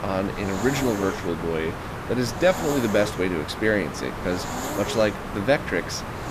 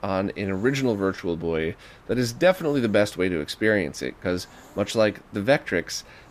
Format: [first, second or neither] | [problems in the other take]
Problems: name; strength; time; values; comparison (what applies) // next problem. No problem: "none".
second | hiss; loud; throughout; 6 dB below the speech; faint in the second